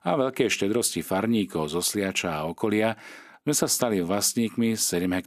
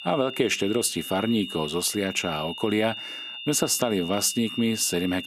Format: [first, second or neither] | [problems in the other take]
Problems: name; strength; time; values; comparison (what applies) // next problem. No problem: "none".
first | high-pitched whine; loud; throughout; 3 kHz, 9 dB below the speech